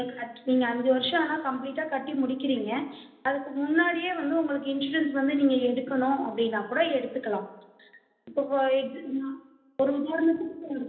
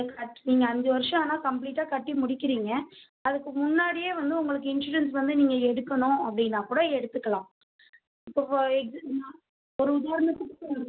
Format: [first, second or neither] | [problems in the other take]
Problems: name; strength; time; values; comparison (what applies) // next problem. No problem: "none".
second | room echo; dies away in 0.8 s